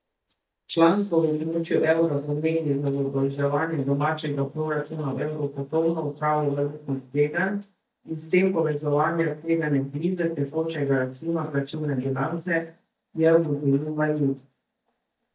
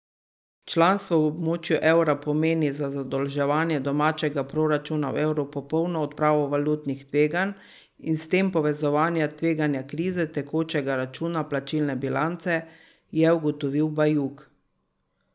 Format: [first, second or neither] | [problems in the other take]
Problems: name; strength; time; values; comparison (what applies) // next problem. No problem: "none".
second | noise reduction (neural mask model DeepFilterNet 3)